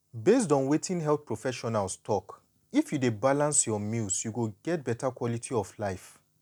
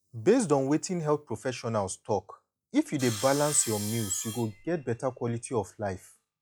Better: first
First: none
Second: noise reduction (classical method log-MMSE)

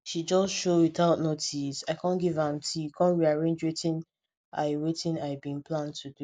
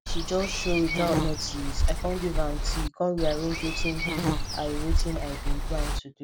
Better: first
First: none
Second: background sound (Walk, footsteps / Insect); 3 dB above the speech

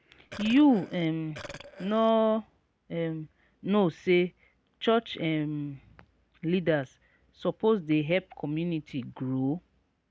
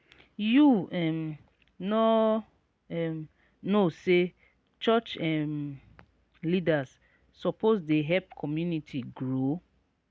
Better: second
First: background sound (Burping, eructation); 17 dB below the speech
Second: none

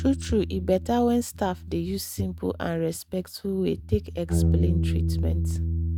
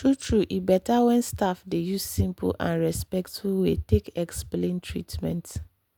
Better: second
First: noise reduction (neural mask model RNNoise)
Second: none

